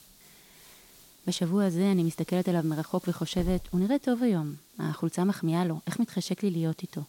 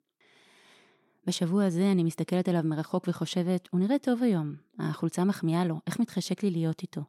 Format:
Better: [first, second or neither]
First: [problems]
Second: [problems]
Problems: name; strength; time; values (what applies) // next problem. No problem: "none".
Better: second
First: hiss; faint; throughout; 20 dB below the speech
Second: none